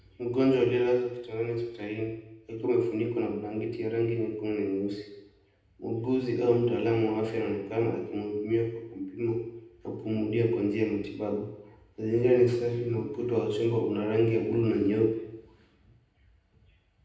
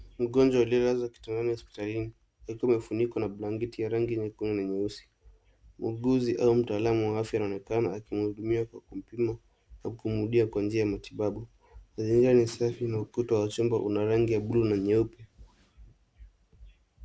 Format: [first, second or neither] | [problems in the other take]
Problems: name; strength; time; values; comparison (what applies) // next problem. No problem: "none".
second | room echo; dies away in 0.8 s